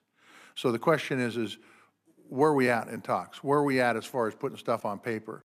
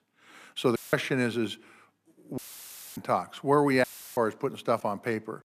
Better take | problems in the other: first | audio cutting out; filled with static; at 1 s, at 2.5 s for 0.5 s and at 4 s

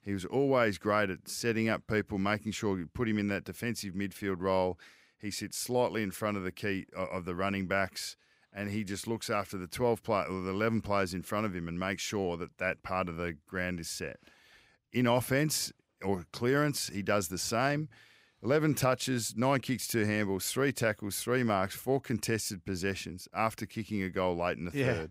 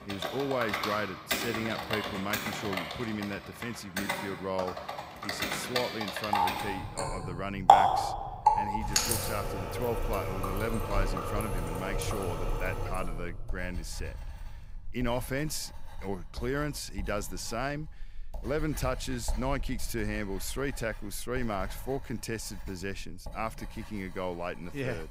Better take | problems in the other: first | household noises; very loud; throughout; 3 dB above the speech

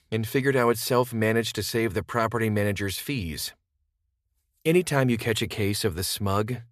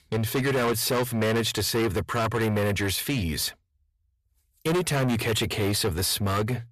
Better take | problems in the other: first | distortion; heavy; 5 dB below the speech

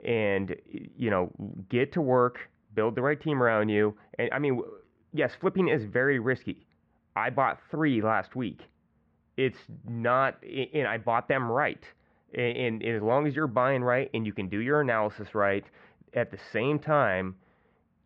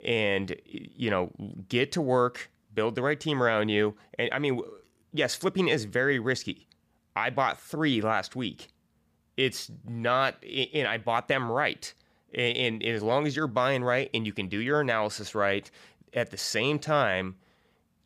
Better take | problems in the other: second | muffled; very; fading above 2 kHz

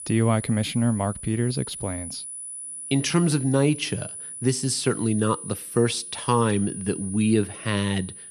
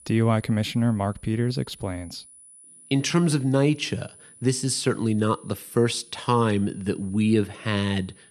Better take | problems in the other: second | high-pitched whine; loud; throughout; 10 kHz, 10 dB below the speech; faint in the second

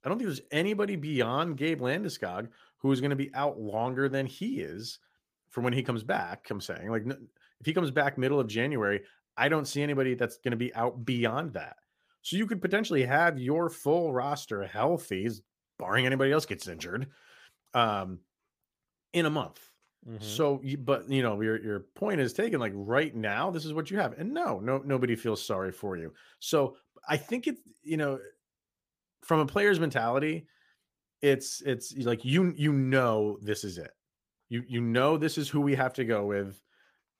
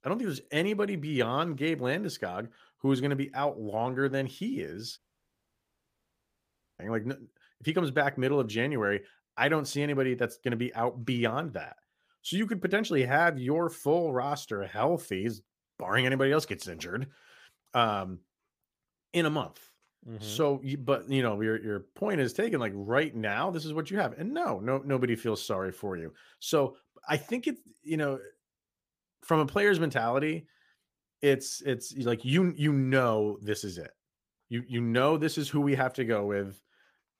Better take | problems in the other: first | audio cutting out; at 5 s for 2 s

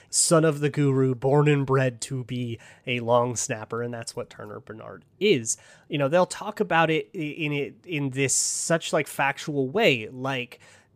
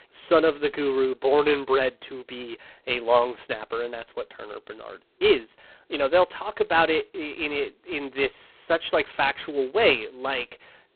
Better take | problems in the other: first | phone-call audio; poor line; nothing above 4 kHz

